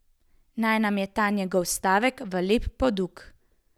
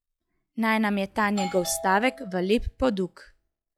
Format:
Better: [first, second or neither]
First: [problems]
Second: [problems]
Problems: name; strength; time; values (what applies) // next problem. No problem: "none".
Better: first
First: none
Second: noise reduction (classical method log-MMSE)